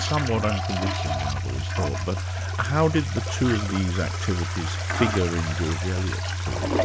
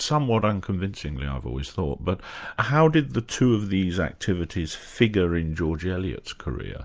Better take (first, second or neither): second